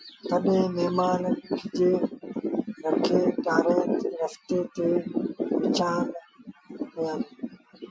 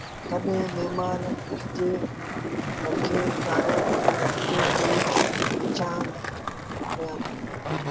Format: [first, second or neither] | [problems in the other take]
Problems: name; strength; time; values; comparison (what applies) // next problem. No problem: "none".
first | background sound (Skateboard); 1 dB above the speech